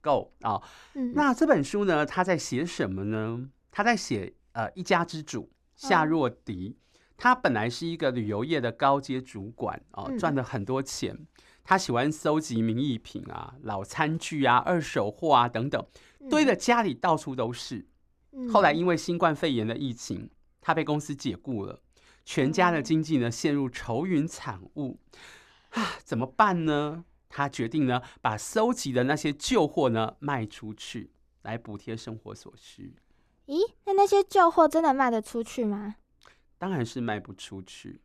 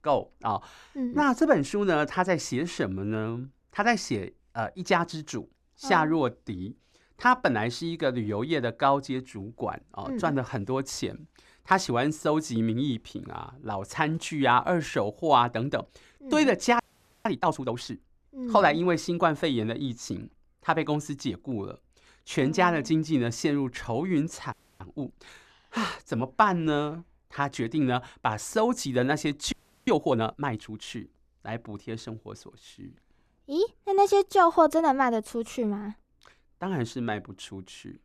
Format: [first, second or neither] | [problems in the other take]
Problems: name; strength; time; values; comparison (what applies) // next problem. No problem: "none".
first | audio freezing; at 17 s, at 25 s and at 30 s